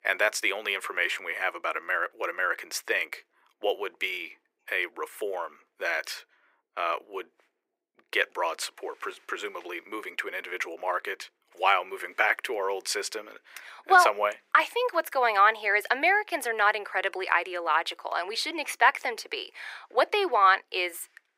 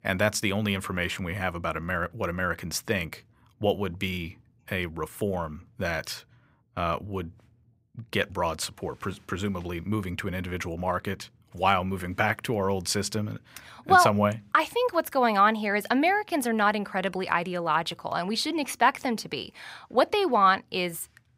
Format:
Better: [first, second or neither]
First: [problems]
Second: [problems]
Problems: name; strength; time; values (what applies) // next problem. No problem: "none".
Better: second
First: thin; very; fading below 350 Hz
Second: none